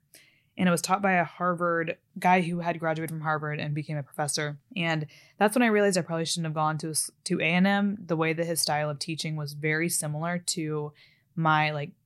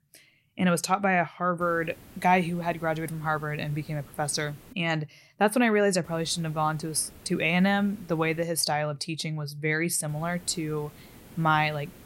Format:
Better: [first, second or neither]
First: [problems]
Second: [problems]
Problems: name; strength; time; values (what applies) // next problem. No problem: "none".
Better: first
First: none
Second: hiss; faint; from 1.5 to 4.5 s, from 6 to 8.5 s and from 10 s on; 25 dB below the speech